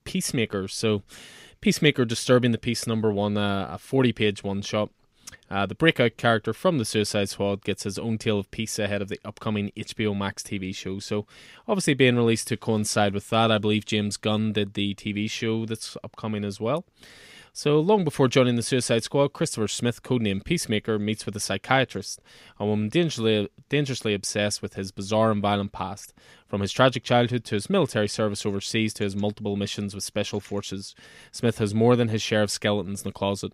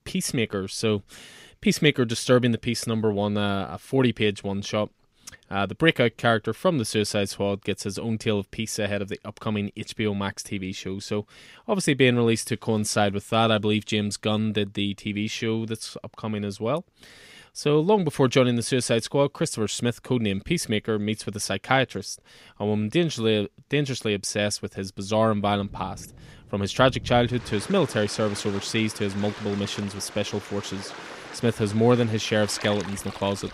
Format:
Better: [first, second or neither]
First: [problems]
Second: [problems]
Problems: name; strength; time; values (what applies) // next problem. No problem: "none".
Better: first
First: none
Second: rain or running water; noticeable; from 26 s on; 15 dB below the speech